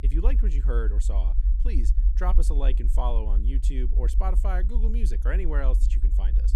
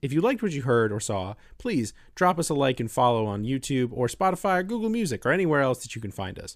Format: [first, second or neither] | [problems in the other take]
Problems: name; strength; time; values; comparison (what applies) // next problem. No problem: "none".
second | low rumble; noticeable; throughout; 10 dB below the speech